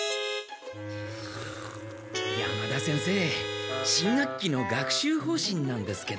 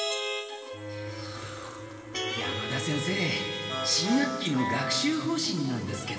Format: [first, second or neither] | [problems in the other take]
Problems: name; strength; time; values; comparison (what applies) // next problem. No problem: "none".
first | room echo; dies away in 2.1 s